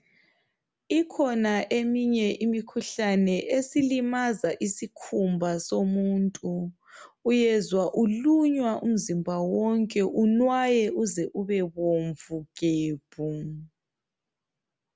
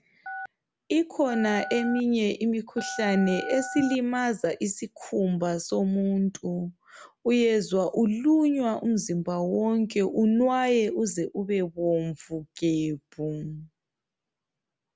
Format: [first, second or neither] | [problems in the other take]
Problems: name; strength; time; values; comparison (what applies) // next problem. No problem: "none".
first | background sound (Telephone); 12 dB below the speech